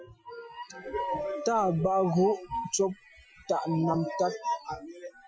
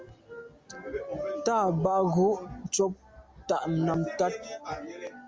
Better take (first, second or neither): second